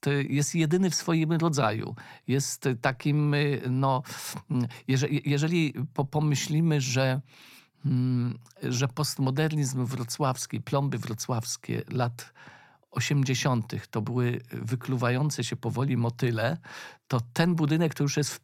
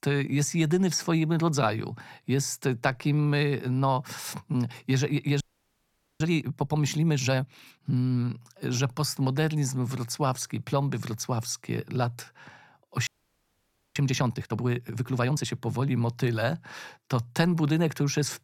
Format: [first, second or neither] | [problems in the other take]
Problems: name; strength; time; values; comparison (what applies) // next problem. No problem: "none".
first | audio freezing; at 5.5 s for 1 s and at 13 s for 1 s